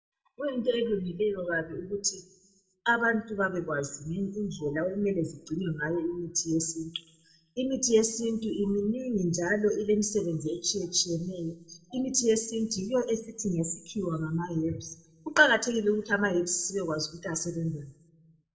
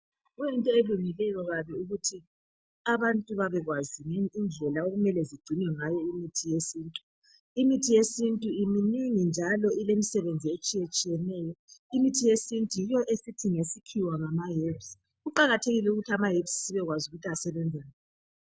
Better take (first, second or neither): second